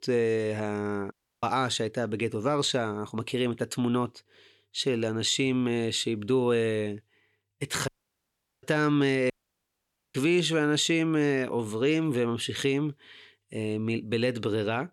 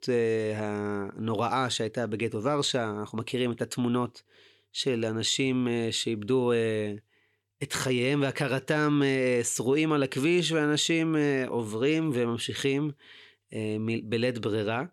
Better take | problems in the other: second | audio cutting out; at 1 s, at 8 s for 1 s and at 9.5 s for 1 s

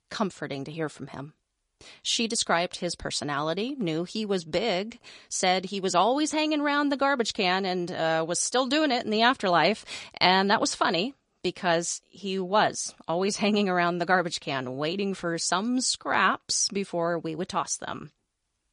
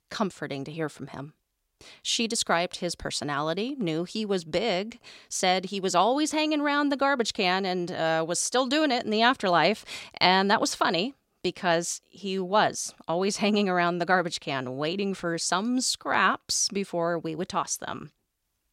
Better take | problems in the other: second | garbled, watery; slightly; nothing above 9.5 kHz

